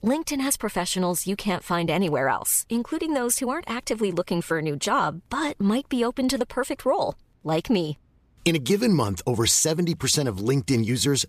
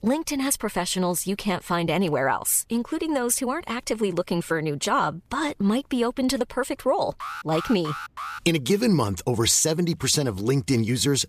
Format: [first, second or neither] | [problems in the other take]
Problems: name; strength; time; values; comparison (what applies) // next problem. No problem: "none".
first | alarm; noticeable; from 7 to 8.5 s; peak 9 dB below the speech